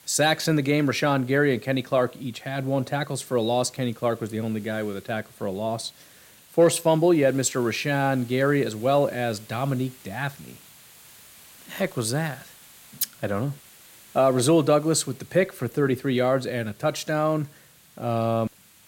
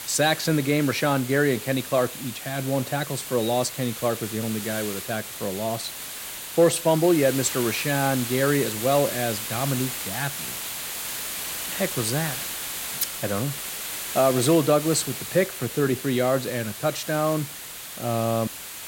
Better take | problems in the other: first | hiss; loud; throughout; 6 dB below the speech; faint in the first

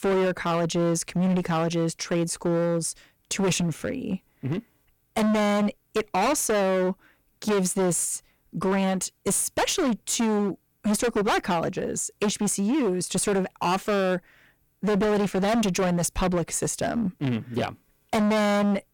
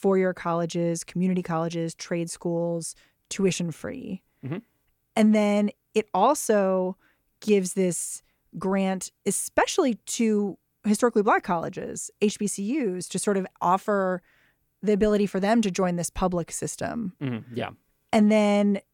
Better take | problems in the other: second | distortion; heavy; 21% of the sound clipped

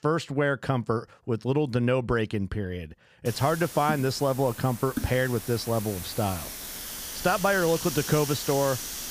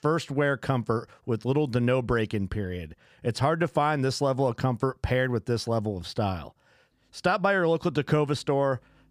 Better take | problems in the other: second | hiss; loud; from 3.5 s on; 8 dB below the speech

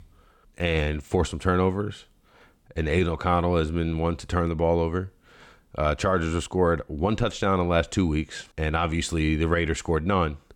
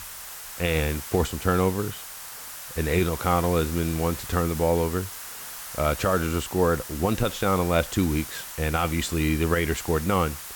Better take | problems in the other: first | hiss; noticeable; throughout; 10 dB below the speech

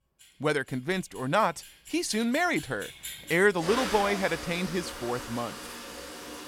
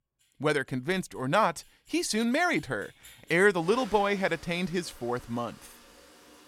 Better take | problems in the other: second | household noises; loud; throughout; 10 dB below the speech; faint in the second

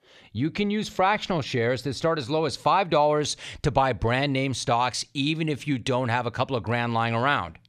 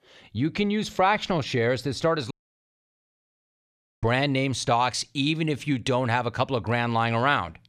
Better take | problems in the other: first | audio cutting out; at 2.5 s for 1.5 s

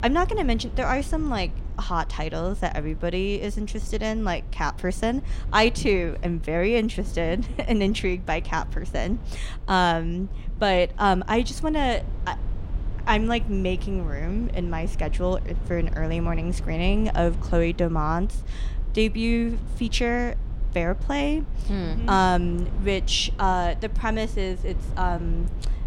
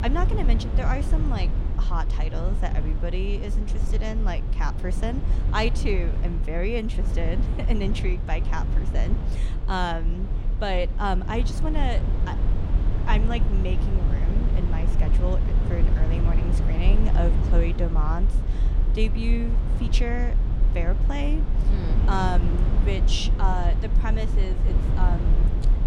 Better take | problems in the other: first | low rumble; loud; throughout; 7 dB below the speech; faint in the first

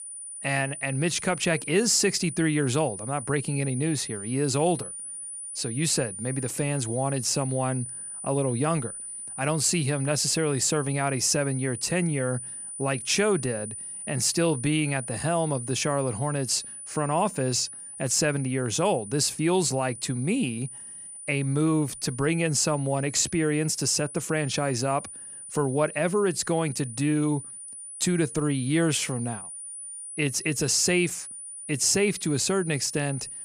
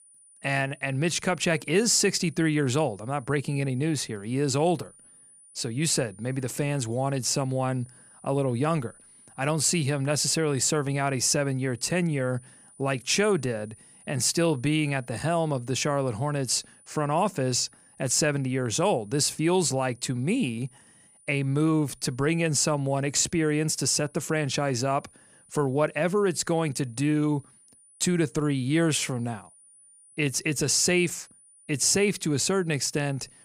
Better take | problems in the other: second | high-pitched whine; loud; throughout; 9.5 kHz, 10 dB below the speech; faint in the second

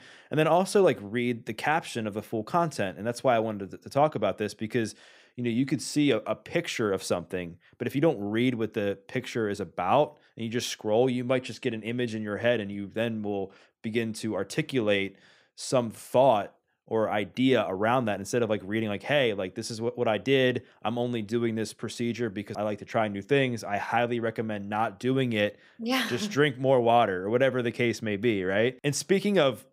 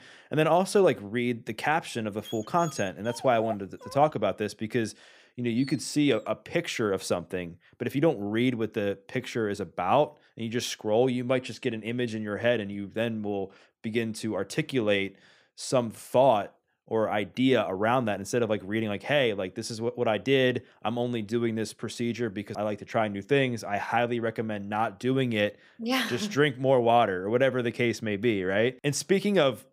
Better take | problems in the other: first | dog barking; noticeable; from 2.5 to 5.5 s; peak 7 dB below the speech

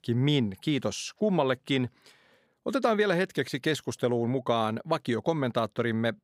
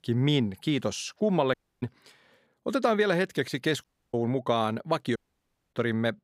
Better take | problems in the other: first | audio cutting out; at 1.5 s, at 4 s and at 5 s for 0.5 s

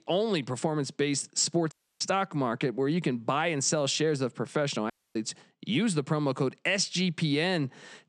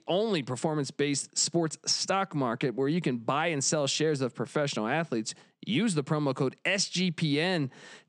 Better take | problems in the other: second | audio cutting out; at 1.5 s and at 5 s

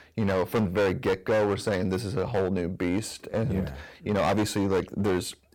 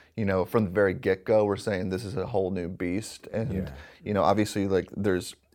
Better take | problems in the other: second | distortion; heavy; 13% of the sound clipped

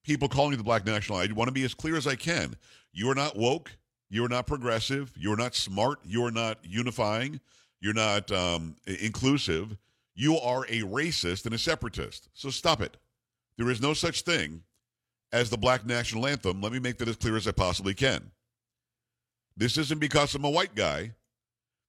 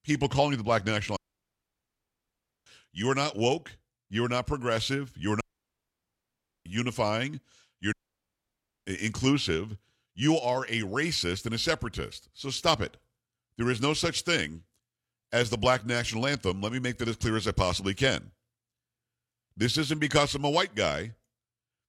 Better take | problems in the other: first | audio cutting out; at 1 s for 1.5 s, at 5.5 s for 1 s and at 8 s for 1 s

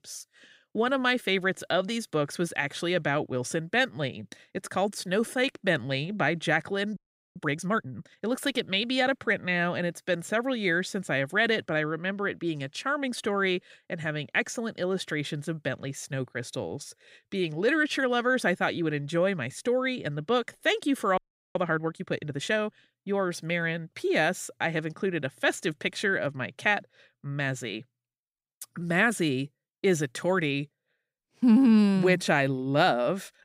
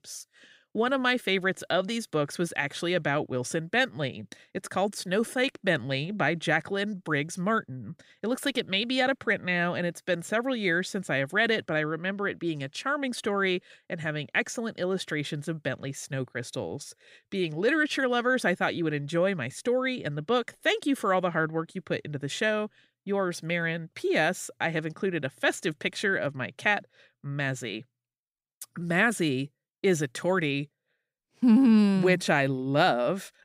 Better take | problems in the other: second | audio freezing; at 7 s and at 21 s

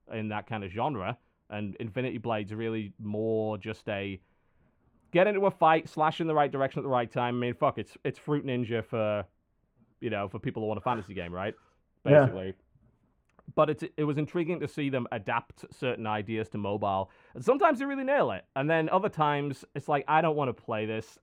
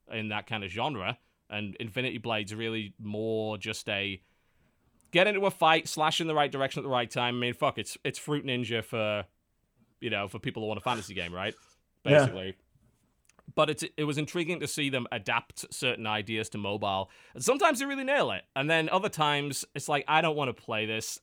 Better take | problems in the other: second | muffled; very; fading above 3 kHz

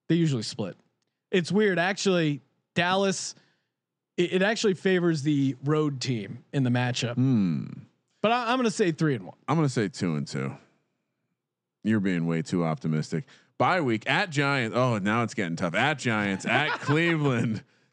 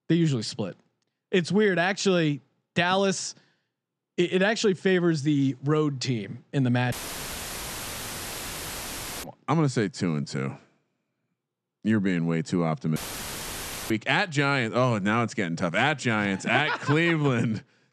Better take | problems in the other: first | audio cutting out; filled with static; at 7 s for 2.5 s and at 13 s for 1 s

